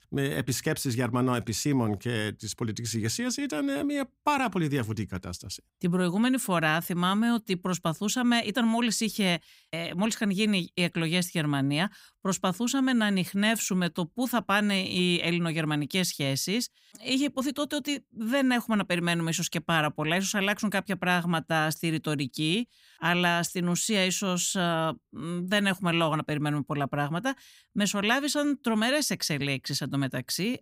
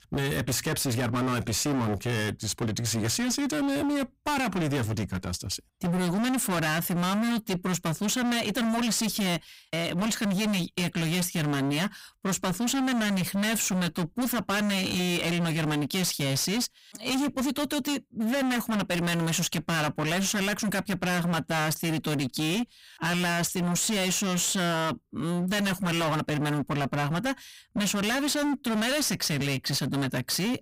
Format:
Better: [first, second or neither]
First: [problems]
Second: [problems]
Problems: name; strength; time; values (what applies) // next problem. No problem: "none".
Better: first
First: none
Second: distortion; heavy; 37% of the sound clipped